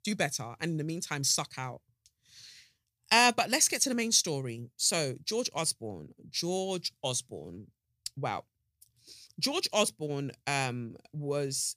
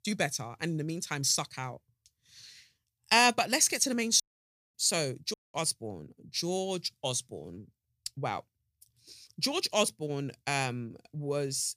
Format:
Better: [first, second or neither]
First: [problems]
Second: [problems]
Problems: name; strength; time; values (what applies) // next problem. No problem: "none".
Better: first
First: none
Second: audio cutting out; at 4 s for 0.5 s and at 5.5 s